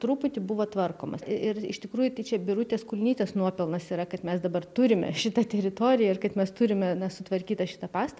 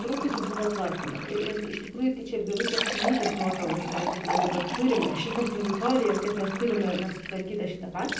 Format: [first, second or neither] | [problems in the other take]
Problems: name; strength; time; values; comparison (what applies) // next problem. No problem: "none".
first | background sound (Fill (with liquid)); 5 dB below the speech // room echo; dies away in 0.6 s